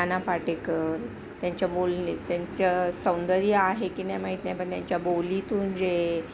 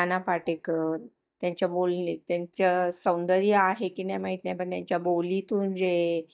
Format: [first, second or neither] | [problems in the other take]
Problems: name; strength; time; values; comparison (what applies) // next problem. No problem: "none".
first | noise reduction (neural mask model DeepFilterNet 3)